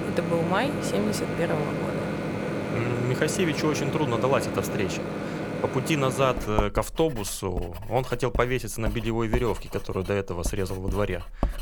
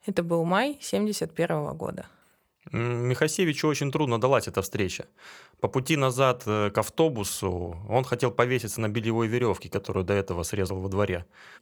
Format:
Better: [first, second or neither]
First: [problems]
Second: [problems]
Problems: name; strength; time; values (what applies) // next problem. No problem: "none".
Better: second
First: household noises; loud; throughout; 4 dB below the speech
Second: none